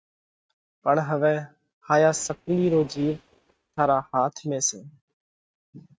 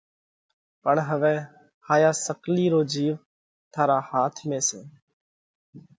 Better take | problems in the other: second | noise reduction (neural mask model RNNoise)

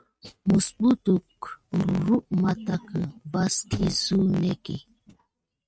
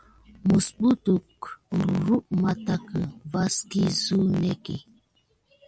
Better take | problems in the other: second | noise reduction (neural mask model RNNoise)

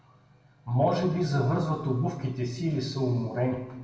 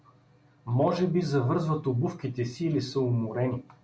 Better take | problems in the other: second | room echo; dies away in 1.3 s

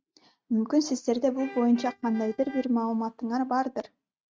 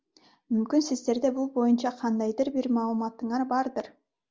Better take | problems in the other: second | noise reduction (neural mask model RNNoise)

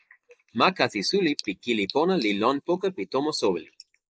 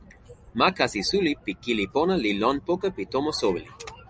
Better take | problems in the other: second | noise reduction (neural mask model Resemble Enhance denoiser)

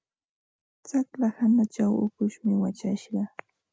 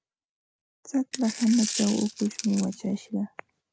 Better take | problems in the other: first | background sound (Coin (dropping)); 9 dB below the speech

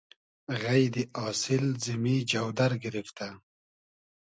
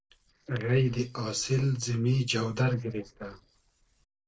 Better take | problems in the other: first | noise reduction (neural separator model SepFormer DNS4)

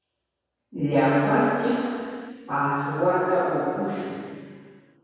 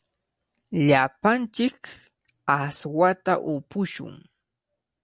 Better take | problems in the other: second | room echo; dies away in 2.2 s

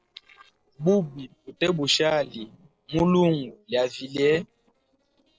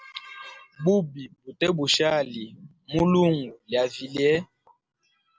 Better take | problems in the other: second | noise reduction (neural separator model SepFormer DNS4)

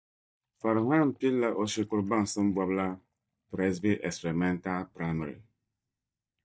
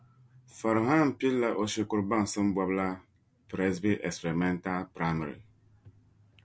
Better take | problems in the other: second | noise reduction (neural mask model DeepFilterNet 3)

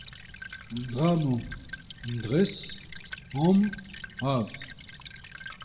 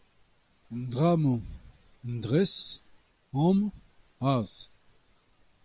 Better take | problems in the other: second | background sound (Stream / Trickle, dribble); 15 dB below the speech // room echo; dies away in 0.5 s

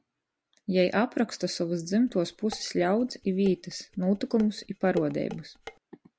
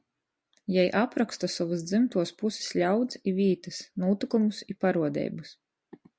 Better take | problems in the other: second | background sound (Dishes, pots, and pans); 17 dB below the speech

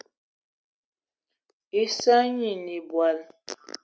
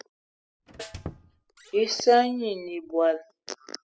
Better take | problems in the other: first | noise reduction (classical method spectral subtraction)

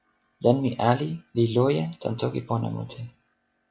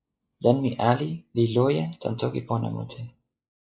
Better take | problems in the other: first | noise reduction (neural mask model Resemble Enhance denoiser)

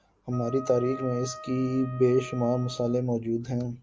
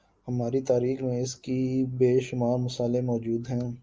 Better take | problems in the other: second | background sound (Wind instrument, woodwind instrument); 14 dB below the speech

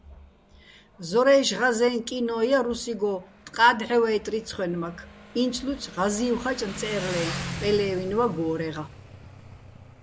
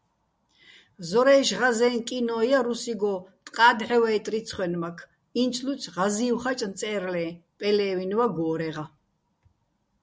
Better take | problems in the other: second | background sound (Motorcycle); 14 dB below the speech

